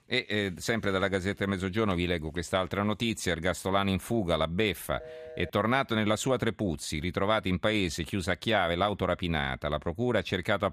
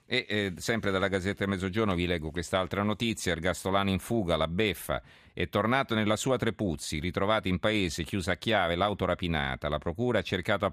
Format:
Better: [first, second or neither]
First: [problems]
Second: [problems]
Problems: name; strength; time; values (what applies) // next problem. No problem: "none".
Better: second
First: phone ringing; faint; at 5 s; peak 15 dB below the speech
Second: none